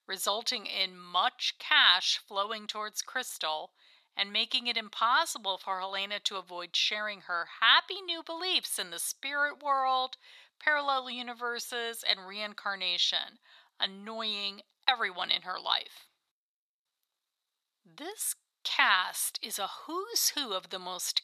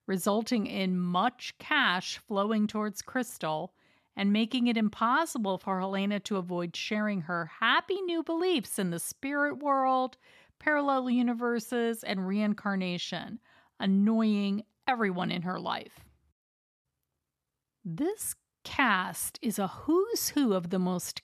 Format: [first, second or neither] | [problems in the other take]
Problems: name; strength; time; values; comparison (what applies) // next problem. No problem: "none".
second | thin; very; fading below 800 Hz